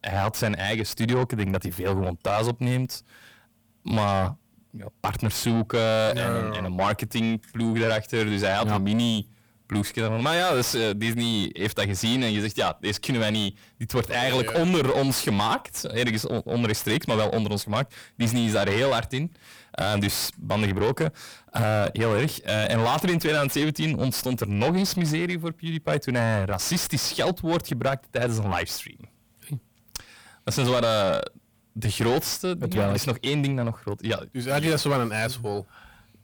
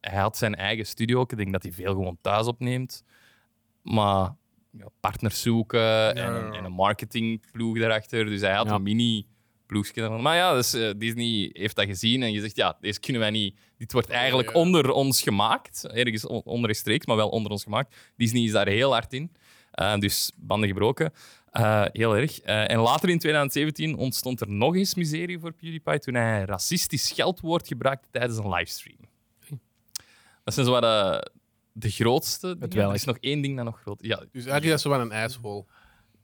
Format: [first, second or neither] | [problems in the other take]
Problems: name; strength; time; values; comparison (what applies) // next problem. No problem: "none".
second | distortion; heavy; 8 dB below the speech